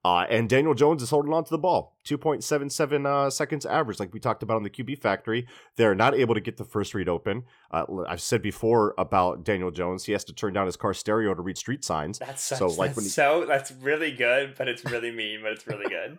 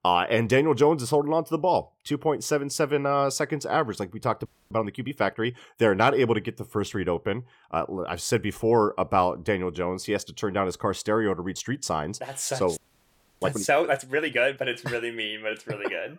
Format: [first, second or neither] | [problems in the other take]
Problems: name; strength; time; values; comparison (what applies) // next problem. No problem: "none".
first | audio freezing; at 4.5 s and at 13 s for 0.5 s